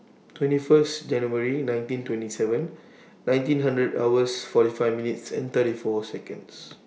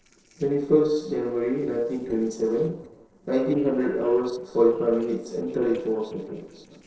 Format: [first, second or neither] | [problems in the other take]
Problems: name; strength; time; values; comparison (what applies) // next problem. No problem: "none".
first | noise reduction (neural separator model SepFormer DNS4)